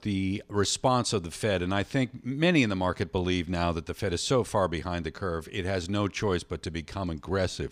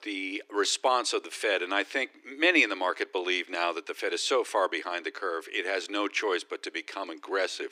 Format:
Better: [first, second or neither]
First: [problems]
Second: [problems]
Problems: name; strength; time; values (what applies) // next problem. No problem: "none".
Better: first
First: none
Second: thin; very; fading below 300 Hz